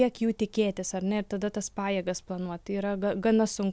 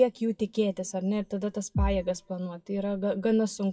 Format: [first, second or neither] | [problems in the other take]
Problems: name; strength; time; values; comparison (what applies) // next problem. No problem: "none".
first | noise reduction (classical method WPE with log-MMSE)